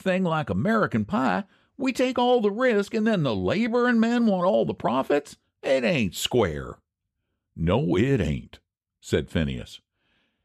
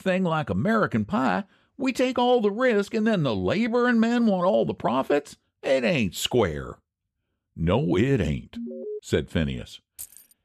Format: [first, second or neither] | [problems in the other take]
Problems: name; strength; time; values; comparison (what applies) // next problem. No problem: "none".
first | alarm; faint; at 8.5 s; peak 10 dB below the speech // jangling keys; faint; at 10 s; peak 15 dB below the speech